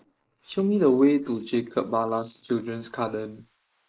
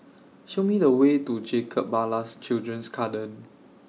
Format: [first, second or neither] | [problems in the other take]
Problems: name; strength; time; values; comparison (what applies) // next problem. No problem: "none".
second | noise reduction (neural mask model Resemble Enhance denoiser)